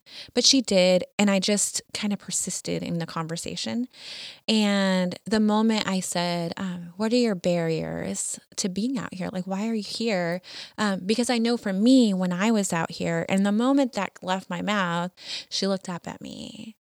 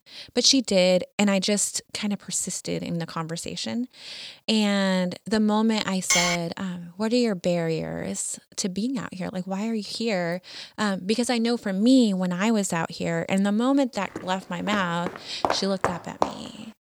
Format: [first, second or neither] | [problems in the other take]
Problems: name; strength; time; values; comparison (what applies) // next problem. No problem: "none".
first | clattering dishes; loud; at 6 s; peak 4 dB above the speech // footsteps; noticeable; from 14 to 16 s; peak 3 dB below the speech